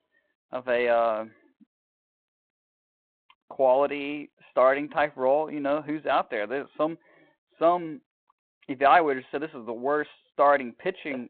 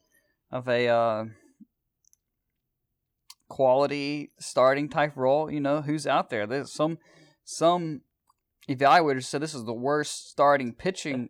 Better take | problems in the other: second | phone-call audio; nothing above 4 kHz

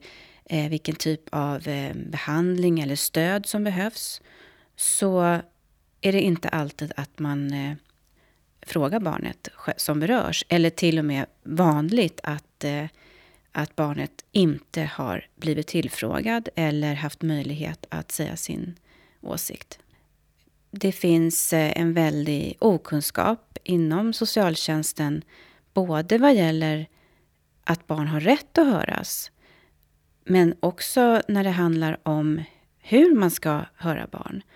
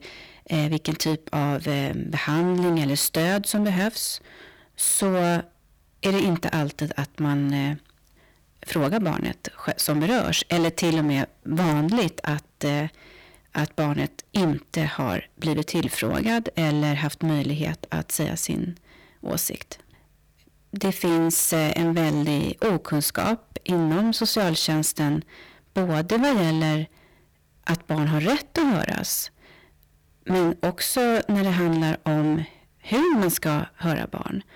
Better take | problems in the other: first | distortion; heavy; 15% of the sound clipped

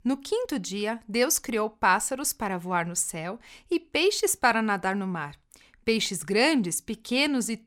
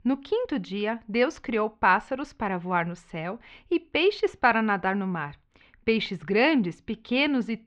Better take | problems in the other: first | muffled; slightly; fading above 3.5 kHz

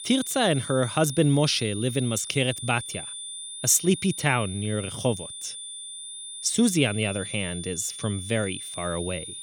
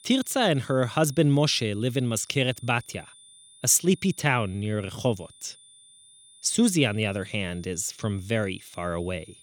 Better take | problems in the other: second | high-pitched whine; loud; throughout; 9 kHz, 10 dB below the speech; faint in the second

